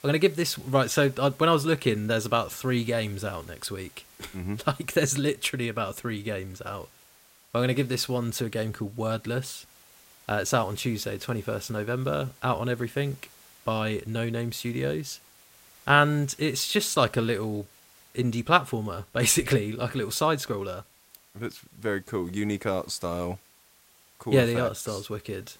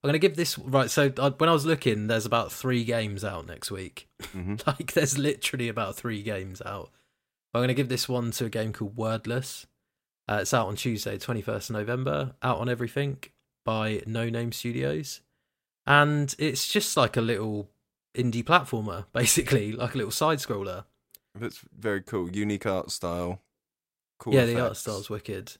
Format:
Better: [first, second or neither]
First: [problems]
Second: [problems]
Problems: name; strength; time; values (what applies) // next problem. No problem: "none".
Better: second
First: hiss; faint; throughout; 25 dB below the speech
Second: none